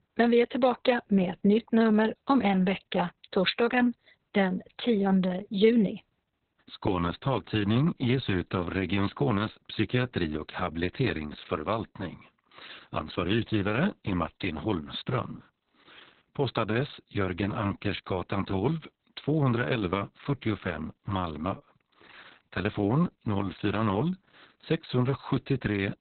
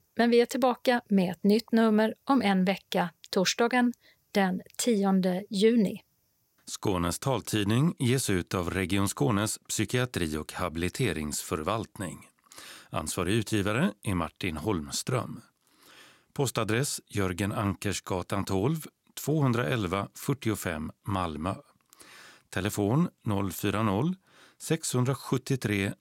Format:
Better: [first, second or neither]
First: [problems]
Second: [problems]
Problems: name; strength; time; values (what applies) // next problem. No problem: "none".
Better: second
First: garbled, watery; badly; nothing above 4 kHz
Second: none